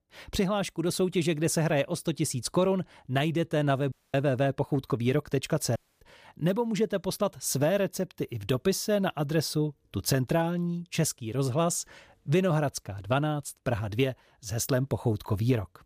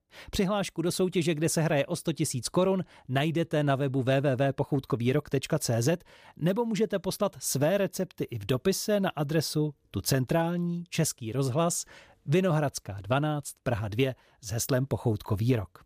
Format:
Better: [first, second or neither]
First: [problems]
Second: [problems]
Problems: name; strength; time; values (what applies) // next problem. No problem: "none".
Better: second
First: audio cutting out; at 4 s and at 6 s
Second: none